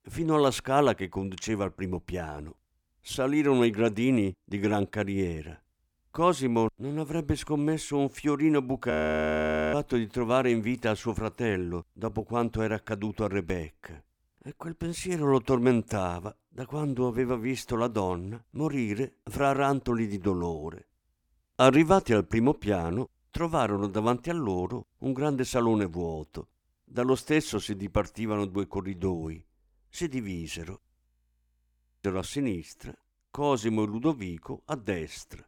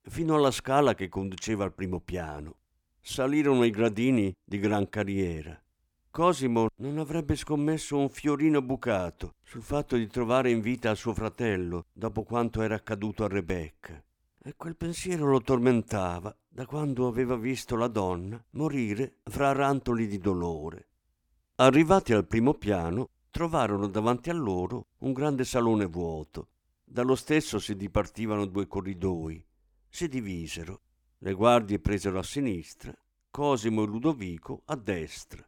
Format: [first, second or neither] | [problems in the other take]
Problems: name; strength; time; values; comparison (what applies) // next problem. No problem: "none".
second | audio freezing; at 9 s for 1 s and at 31 s for 1 s